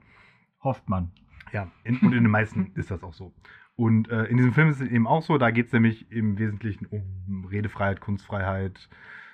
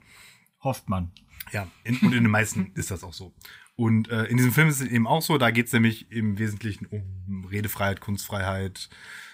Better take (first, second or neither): second